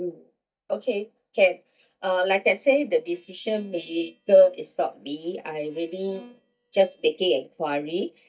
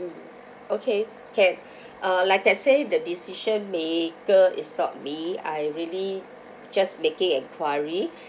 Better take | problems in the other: second | noise reduction (neural mask model DeepFilterNet 3)

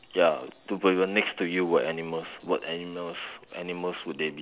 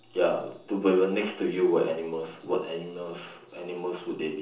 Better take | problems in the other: first | room echo; dies away in 0.6 s

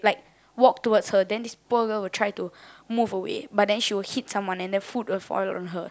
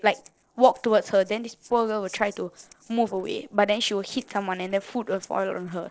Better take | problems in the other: first | noise reduction (neural separator model SepFormer DNS4)

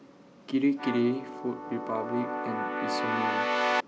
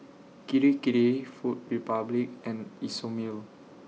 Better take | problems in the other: second | background sound (Keyboard (musical)); 1 dB above the speech

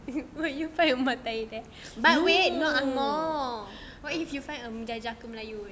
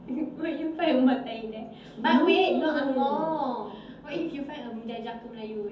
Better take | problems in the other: first | room echo; dies away in 0.5 s

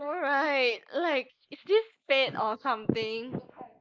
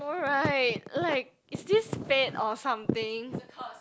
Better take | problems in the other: second | noise reduction (neural mask model Resemble Enhance denoiser)

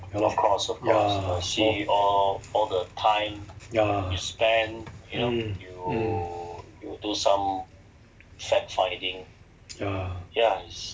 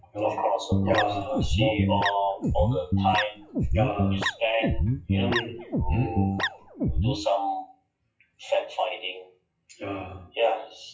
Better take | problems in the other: first | noise reduction (classical method WPE with log-MMSE)

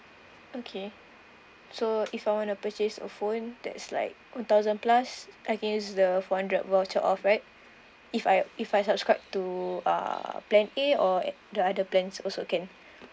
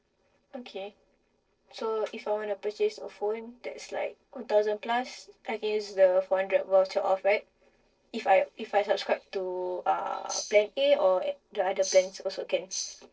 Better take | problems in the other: first | noise reduction (neural separator model SepFormer DNS4)

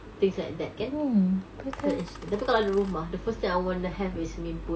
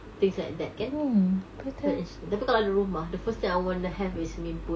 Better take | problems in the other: second | background sound (Coin (dropping)); 19 dB below the speech

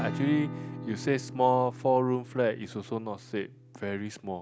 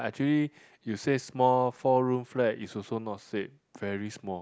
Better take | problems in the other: second | background sound (Acoustic guitar / Strum); 11 dB below the speech

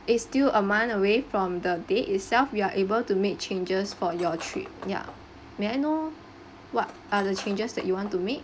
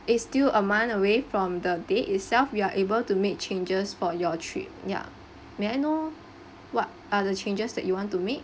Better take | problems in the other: second | background sound (Cutlery, silverware); 19 dB below the speech

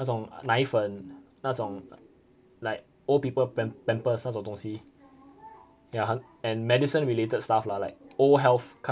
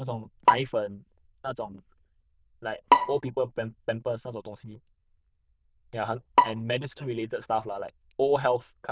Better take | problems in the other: first | noise reduction (neural diffusion model UNIVERSE++)

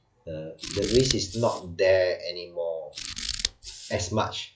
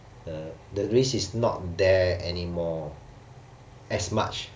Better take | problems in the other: second | noise reduction (classical method log-MMSE)

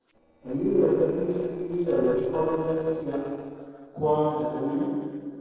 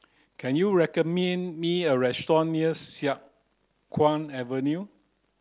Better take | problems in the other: second | noise reduction (neural separator model SepFormer DNS4)

